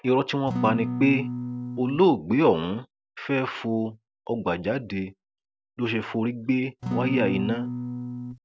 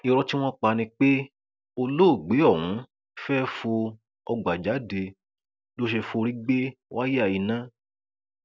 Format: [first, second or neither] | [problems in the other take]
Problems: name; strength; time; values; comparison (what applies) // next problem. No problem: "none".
second | background sound (Acoustic guitar / Strum); 4 dB below the speech